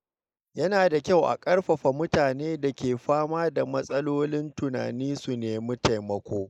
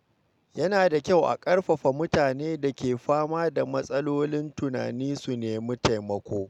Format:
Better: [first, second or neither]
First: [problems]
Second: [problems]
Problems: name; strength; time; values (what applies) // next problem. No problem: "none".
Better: second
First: noise reduction (neural mask model Resemble Enhance denoiser)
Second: none